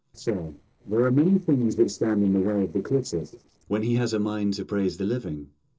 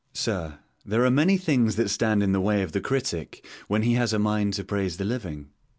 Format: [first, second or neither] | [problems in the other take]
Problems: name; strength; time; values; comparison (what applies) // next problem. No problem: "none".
second | noise reduction (neural separator model SepFormer DNS4)